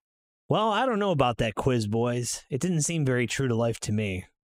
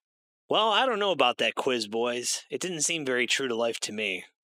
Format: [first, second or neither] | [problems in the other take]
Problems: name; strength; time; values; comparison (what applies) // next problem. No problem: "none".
first | thin; somewhat; fading below 300 Hz